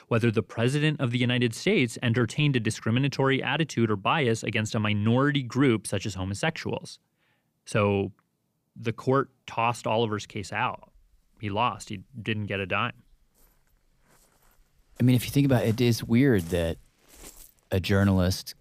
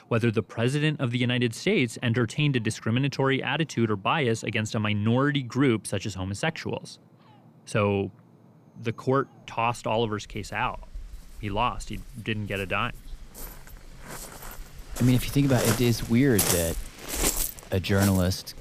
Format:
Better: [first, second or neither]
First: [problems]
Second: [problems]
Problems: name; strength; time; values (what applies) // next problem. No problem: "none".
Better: first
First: rain or running water; faint; throughout; 25 dB below the speech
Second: rain or running water; loud; throughout; 5 dB below the speech